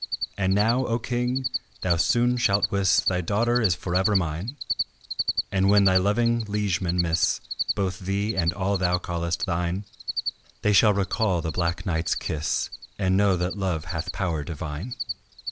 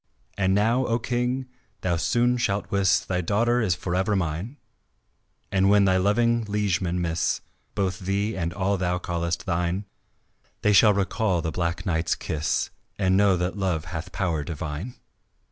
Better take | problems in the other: second | background sound (Cricket); 8 dB below the speech

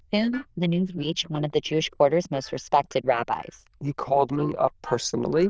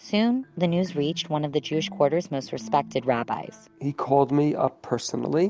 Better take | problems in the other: second | noise reduction (neural diffusion model UNIVERSE++)

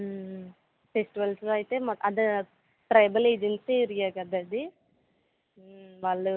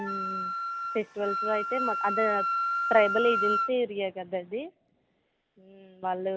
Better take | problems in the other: first | background sound (Wind instrument, woodwind instrument); 2 dB below the speech

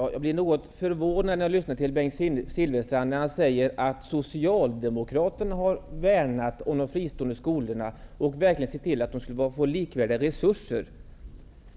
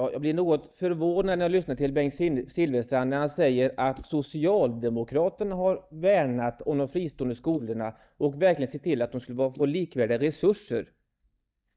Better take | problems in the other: first | noise reduction (neural mask model DeepFilterNet 3)

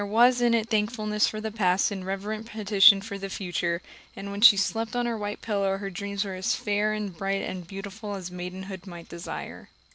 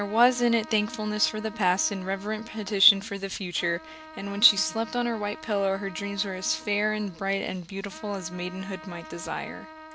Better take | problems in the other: first | background sound (Trumpet); 17 dB below the speech

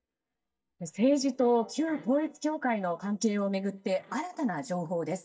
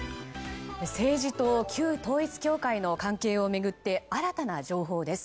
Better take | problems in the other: second | noise reduction (neural mask model DeepFilterNet 3)

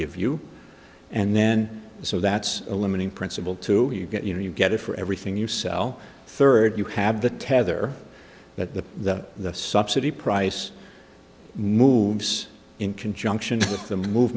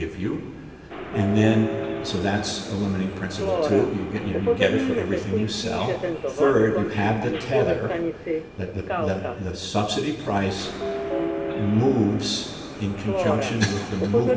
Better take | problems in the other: first | background sound (Subway, metro, underground); 3 dB below the speech // room echo; dies away in 1.4 s

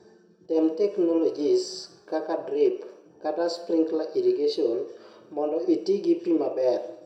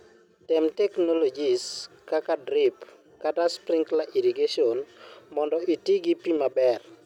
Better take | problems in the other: second | room echo; dies away in 0.6 s

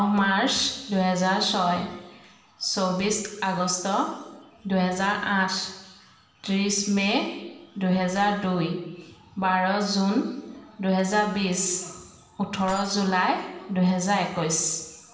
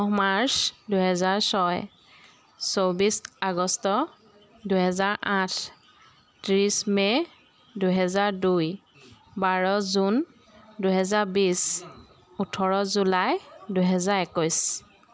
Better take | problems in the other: second | background sound (Keys jangling); 20 dB below the speech // room echo; dies away in 1.1 s

